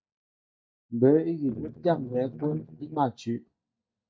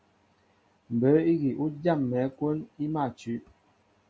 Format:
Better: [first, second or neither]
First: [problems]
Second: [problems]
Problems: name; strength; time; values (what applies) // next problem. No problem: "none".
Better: second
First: noise reduction (neural mask model DeepFilterNet 3)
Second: none